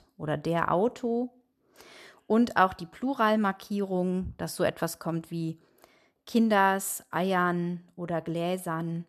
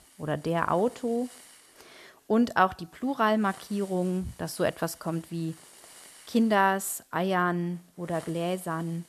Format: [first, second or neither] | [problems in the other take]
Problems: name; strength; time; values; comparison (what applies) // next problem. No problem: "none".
first | hiss; faint; throughout; 25 dB below the speech